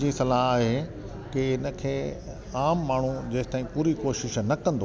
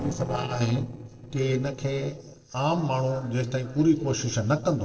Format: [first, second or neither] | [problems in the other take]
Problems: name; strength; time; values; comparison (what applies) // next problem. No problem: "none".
first | noise reduction (neural separator model SepFormer DNS4)